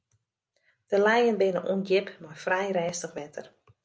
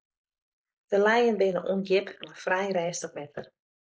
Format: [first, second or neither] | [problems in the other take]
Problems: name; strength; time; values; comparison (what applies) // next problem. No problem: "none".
first | noise reduction (neural mask model Resemble Enhance denoiser)